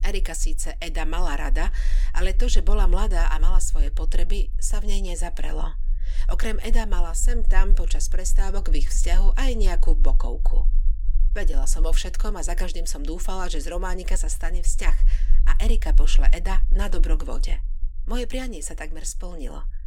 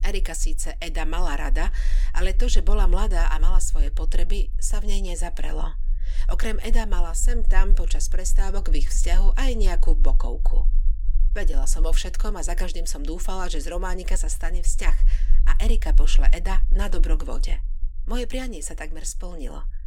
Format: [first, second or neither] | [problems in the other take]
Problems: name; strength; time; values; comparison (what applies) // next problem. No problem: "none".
neither | low rumble; faint; throughout; 20 dB below the speech; the same in both